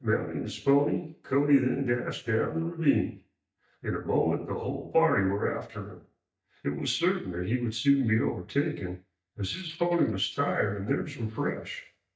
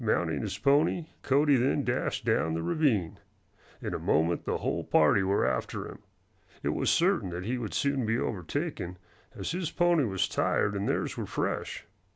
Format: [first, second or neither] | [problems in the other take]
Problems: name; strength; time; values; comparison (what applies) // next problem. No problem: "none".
second | noise reduction (neural mask model DeepFilterNet 3)